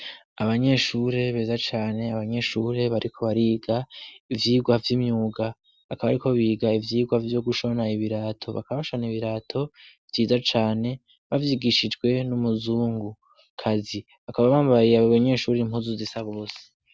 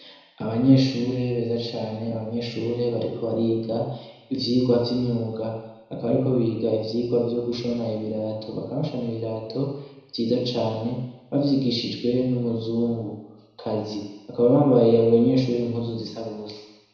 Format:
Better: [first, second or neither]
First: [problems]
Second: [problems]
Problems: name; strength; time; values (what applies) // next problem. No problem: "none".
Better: first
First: none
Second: room echo; dies away in 1 s